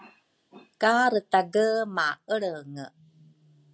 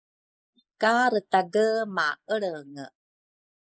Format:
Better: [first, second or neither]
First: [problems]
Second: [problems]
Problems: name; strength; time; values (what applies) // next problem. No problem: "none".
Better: first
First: none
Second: noise reduction (neural mask model Resemble Enhance denoiser)